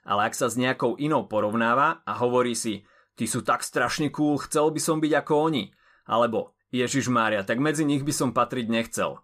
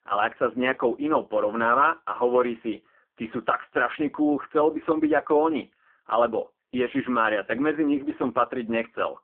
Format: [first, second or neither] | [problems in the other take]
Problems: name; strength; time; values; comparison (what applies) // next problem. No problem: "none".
first | phone-call audio; poor line